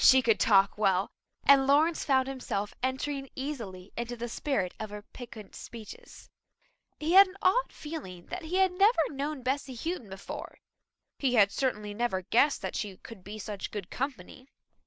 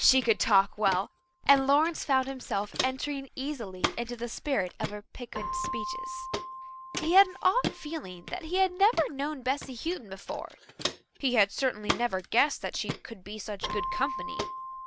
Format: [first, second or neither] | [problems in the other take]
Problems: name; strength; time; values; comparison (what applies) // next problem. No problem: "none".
first | background sound (Walk, footsteps + Keyboard (musical)); 9 dB below the speech